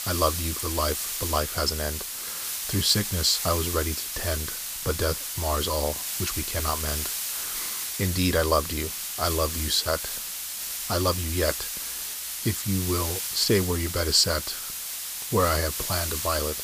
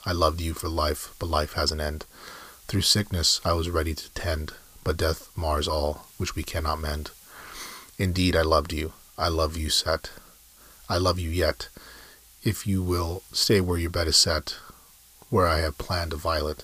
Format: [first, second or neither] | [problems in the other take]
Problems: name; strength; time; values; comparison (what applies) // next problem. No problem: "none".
second | hiss; loud; throughout; 3 dB below the speech; faint in the second